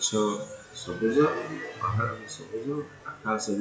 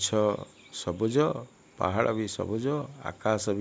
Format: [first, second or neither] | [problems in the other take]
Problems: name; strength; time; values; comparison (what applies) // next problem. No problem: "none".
second | noise reduction (classical method WPE with log-MMSE)